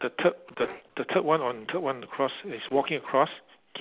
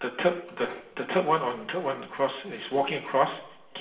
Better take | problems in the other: first | room echo; dies away in 1.1 s

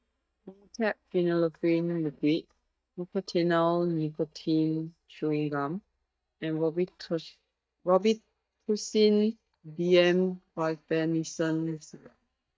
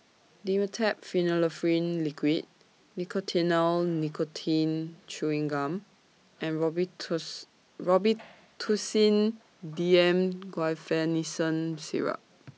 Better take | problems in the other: second | noise reduction (neural mask model DeepFilterNet 3)

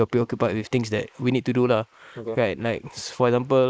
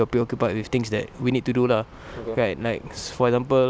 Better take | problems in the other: second | noise reduction (neural mask model Resemble Enhance denoiser)

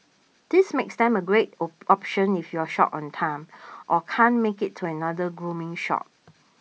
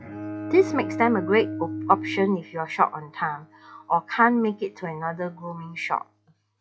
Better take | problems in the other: first | noise reduction (classical method log-MMSE)

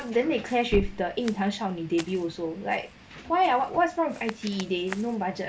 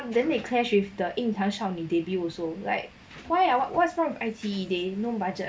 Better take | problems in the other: second | background sound (Thump, thud + Walk, footsteps); 13 dB below the speech

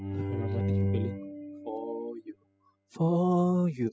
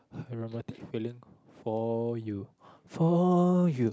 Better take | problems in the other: second | noise reduction (classical method spectral subtraction)

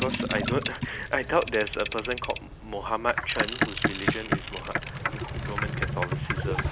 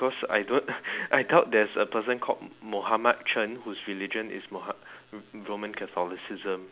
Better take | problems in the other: second | background sound (Boat, Water vehicle); 1 dB above the speech

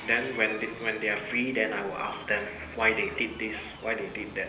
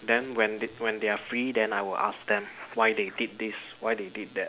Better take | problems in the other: second | background sound (Door); 14 dB below the speech // room echo; dies away in 1.4 s

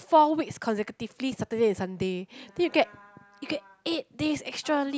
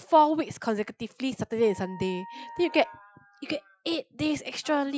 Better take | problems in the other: first | noise reduction (classical method Wiener filter)

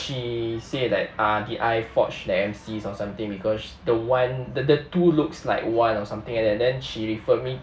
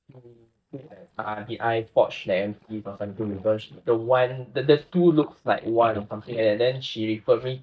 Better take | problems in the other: first | noise reduction (neural mask model DeepFilterNet 3)

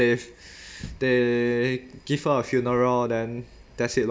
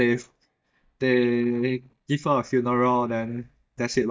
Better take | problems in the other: first | noise reduction (neural mask model DeepFilterNet 3)

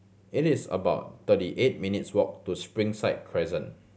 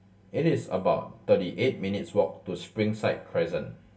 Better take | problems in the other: first | room echo; dies away in 0.2 s

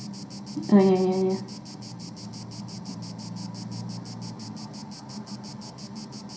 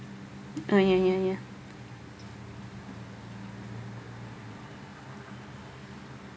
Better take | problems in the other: second | background sound (Insect); 19 dB below the speech // room echo; dies away in 0.5 s

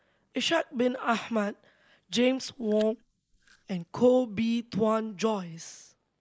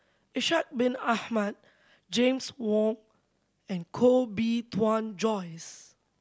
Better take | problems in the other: second | noise reduction (neural mask model Resemble Enhance denoiser)

